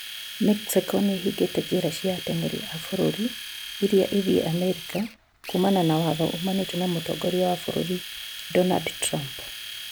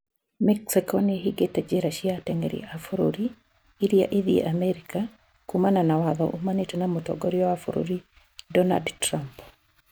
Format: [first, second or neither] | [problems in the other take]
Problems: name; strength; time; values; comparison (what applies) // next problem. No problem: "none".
second | background sound (Domestic sounds, home sounds); 11 dB below the speech